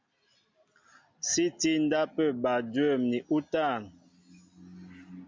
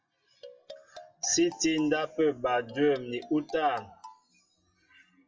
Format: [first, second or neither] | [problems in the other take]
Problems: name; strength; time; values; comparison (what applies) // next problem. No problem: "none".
first | noise reduction (classical method WPE with log-MMSE)